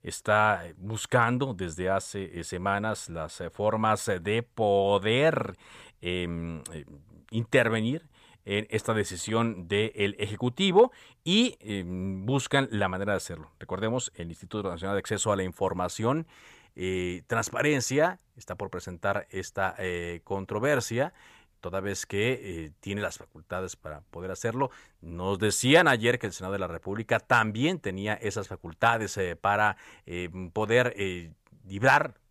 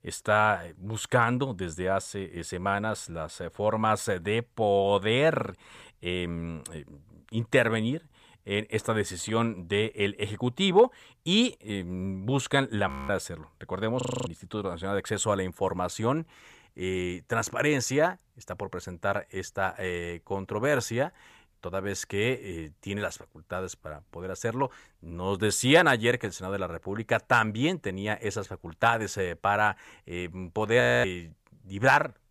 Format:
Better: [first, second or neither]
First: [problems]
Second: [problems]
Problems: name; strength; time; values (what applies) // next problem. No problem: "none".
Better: first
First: none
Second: audio freezing; at 13 s, at 14 s and at 31 s